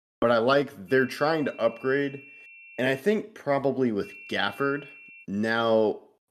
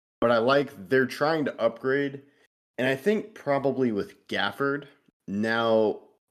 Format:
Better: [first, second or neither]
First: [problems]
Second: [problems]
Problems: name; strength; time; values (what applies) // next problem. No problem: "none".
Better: second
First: high-pitched whine; noticeable; from 1 to 3 s and from 4 to 5 s; 2.5 kHz, 20 dB below the speech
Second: none